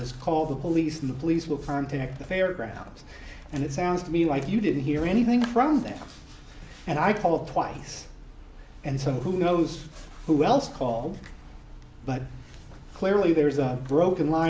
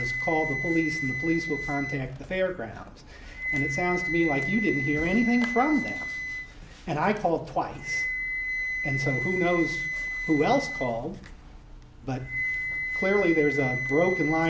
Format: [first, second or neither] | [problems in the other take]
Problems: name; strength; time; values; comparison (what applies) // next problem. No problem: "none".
first | background sound (Wind instrument, woodwind instrument); 4 dB below the speech